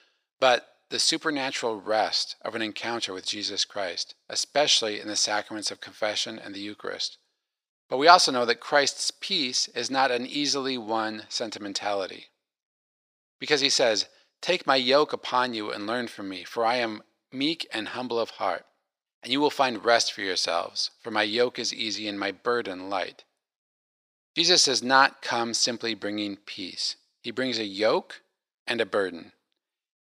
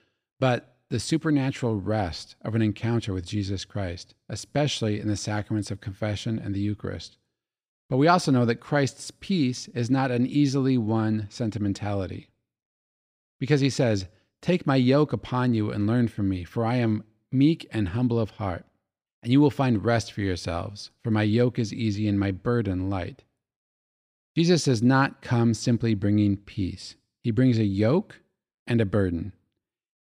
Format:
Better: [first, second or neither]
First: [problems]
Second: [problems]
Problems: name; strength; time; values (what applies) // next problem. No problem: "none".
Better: second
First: thin; very; fading below 700 Hz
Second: none